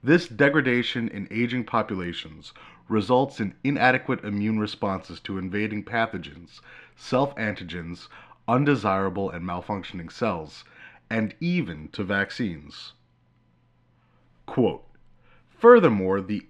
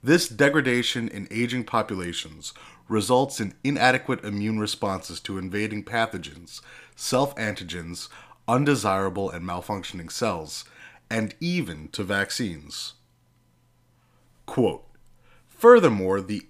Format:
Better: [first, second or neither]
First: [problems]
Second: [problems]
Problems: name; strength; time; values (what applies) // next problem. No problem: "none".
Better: second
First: muffled; slightly; fading above 2.5 kHz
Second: none